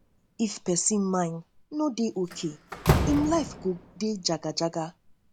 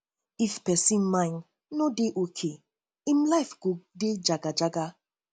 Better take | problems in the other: second | background sound (Slam); 4 dB below the speech

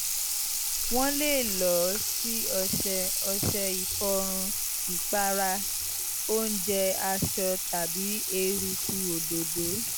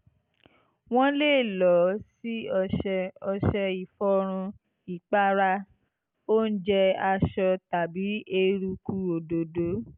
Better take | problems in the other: second | background sound (Sink (filling or washing) / Water tap, faucet); 2 dB above the speech

